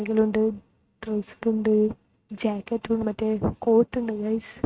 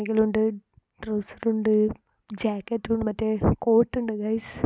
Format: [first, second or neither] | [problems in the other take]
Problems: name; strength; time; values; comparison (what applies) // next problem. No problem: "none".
second | noise reduction (neural mask model RNNoise)